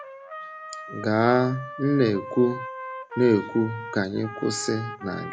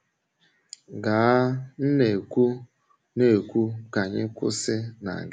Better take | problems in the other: second | background sound (Trumpet); 12 dB below the speech

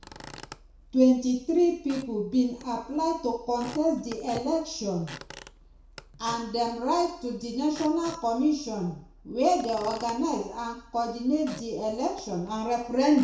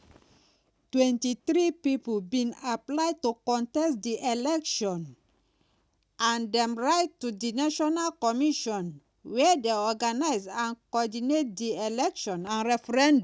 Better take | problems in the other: second | background sound (Squeak / Wood); 20 dB below the speech // room echo; dies away in 0.6 s

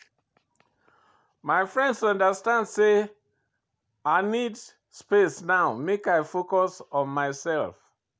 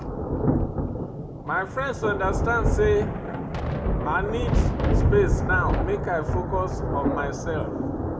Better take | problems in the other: first | background sound (Thunder); 3 dB above the speech // room echo; dies away in 1 s

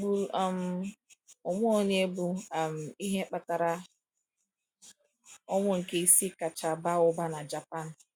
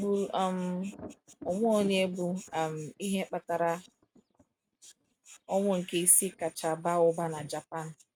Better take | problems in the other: first | noise reduction (neural mask model RNNoise)

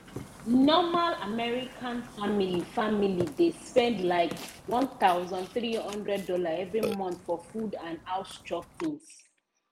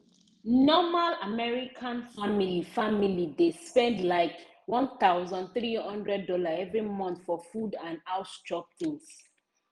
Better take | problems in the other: second | background sound (Burping, eructation); 15 dB below the speech

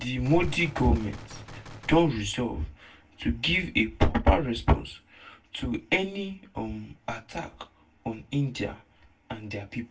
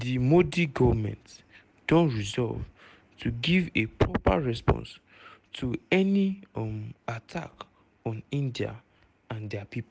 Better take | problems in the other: second | background sound (Gunshot, gunfire); 17 dB below the speech // room echo; dies away in 0.2 s

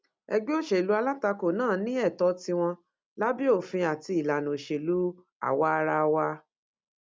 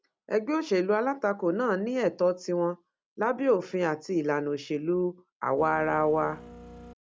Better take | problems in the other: first | background sound (Printer); 17 dB below the speech

